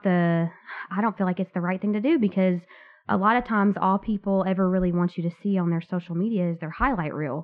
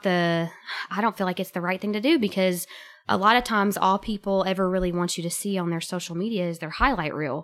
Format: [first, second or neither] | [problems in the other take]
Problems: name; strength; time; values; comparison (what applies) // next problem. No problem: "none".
second | muffled; very; fading above 2 kHz